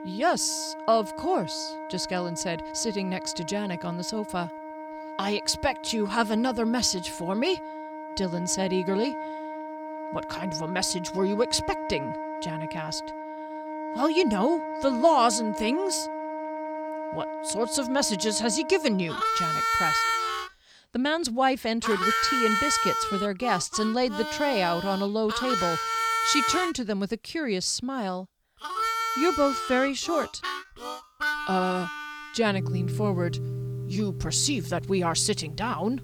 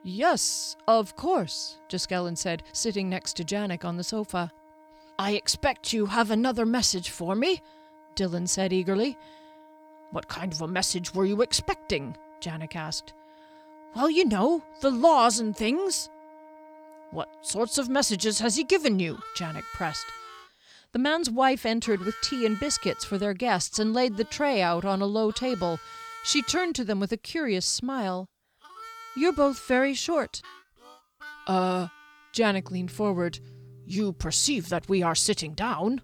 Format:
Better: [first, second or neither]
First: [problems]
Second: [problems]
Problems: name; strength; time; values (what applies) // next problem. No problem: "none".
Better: second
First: background music; loud; throughout; 4 dB below the speech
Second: background music; faint; throughout; 20 dB below the speech